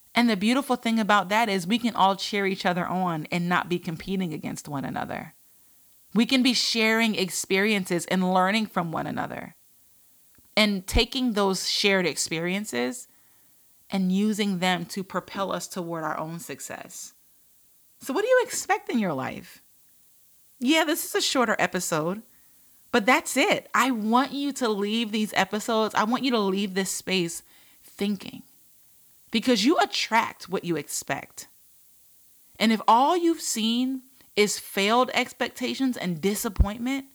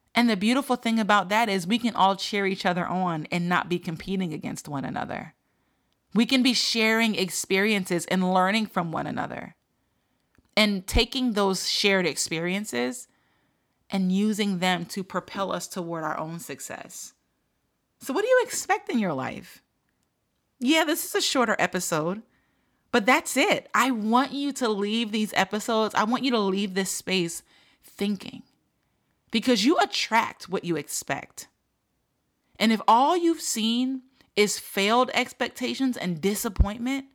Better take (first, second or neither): second